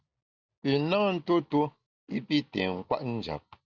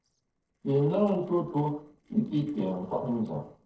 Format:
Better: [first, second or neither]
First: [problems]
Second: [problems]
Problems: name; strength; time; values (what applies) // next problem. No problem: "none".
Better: first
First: none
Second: noise reduction (neural separator model SepFormer DNS4)